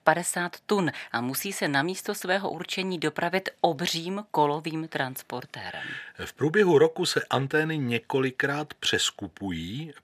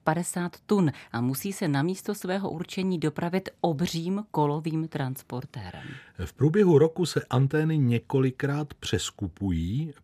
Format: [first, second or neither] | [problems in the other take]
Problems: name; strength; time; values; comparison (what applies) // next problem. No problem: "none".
second | thin; somewhat; fading below 1 kHz